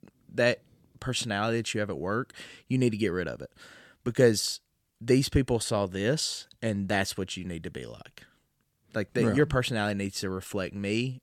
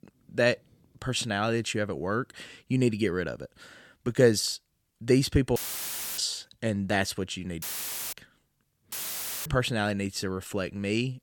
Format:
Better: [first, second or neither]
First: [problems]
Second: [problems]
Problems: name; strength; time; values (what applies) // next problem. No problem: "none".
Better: first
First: none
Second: audio cutting out; filled with static; at 5.5 s for 0.5 s, at 7.5 s for 0.5 s and at 9 s for 0.5 s